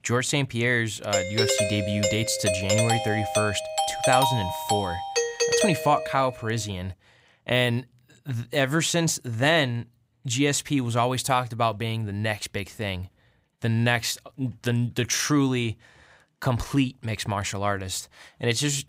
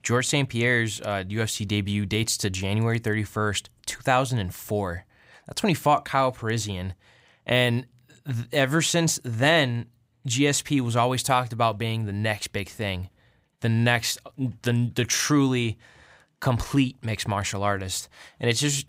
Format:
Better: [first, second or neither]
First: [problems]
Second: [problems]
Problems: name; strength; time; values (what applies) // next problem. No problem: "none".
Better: second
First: doorbell; loud; from 1 to 6 s; peak 3 dB above the speech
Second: none